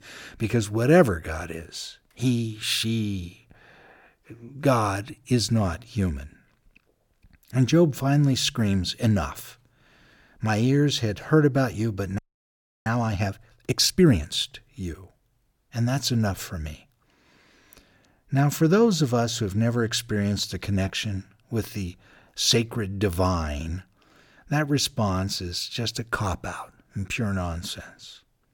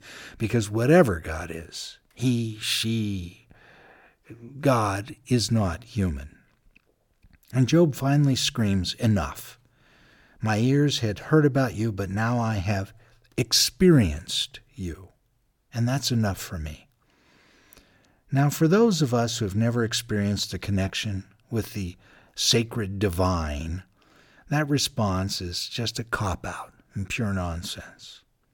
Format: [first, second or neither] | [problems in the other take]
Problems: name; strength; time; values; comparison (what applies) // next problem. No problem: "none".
second | audio freezing; at 12 s for 0.5 s